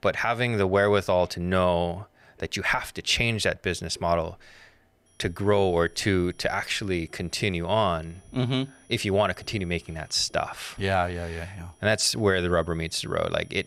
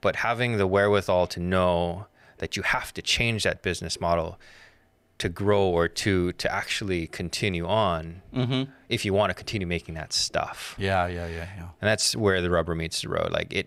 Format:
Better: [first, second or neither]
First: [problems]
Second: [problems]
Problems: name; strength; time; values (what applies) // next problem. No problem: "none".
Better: second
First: high-pitched whine; faint; from 5 s on; 10.5 kHz, 30 dB below the speech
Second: none